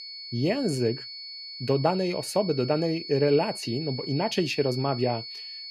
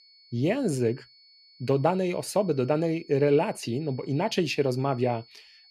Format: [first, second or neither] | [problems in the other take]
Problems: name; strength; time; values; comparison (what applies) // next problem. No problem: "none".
second | high-pitched whine; loud; throughout; 4.5 kHz, 10 dB below the speech; faint in the second